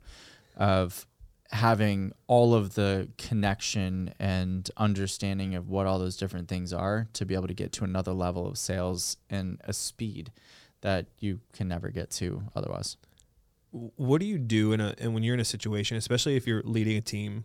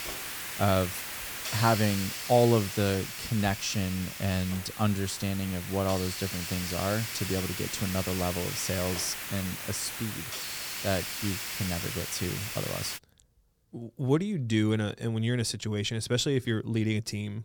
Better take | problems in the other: first | hiss; loud; until 13 s; 5 dB below the speech

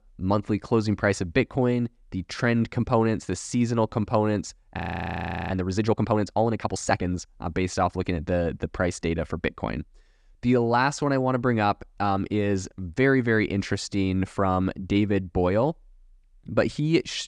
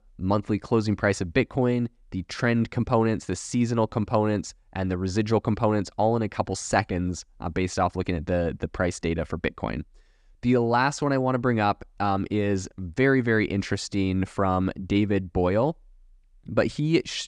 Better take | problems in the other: second | audio freezing; at 5 s for 0.5 s

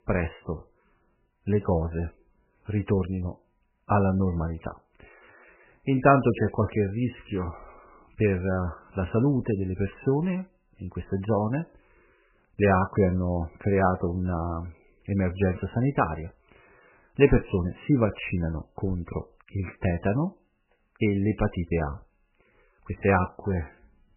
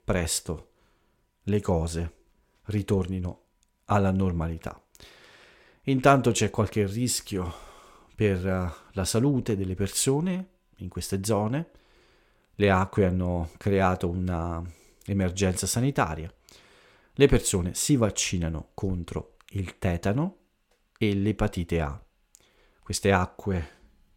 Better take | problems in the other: second | garbled, watery; badly; nothing above 3 kHz

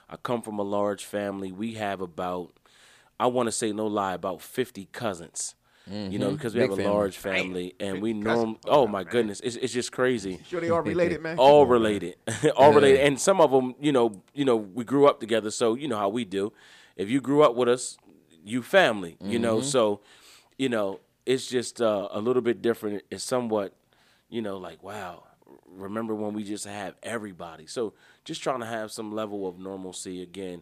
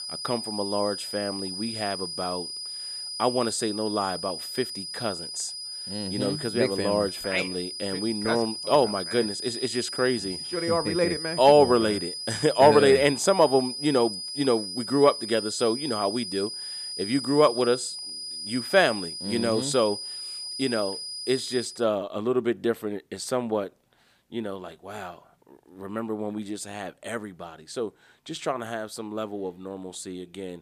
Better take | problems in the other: first | high-pitched whine; loud; until 22 s; 5 kHz, 7 dB below the speech

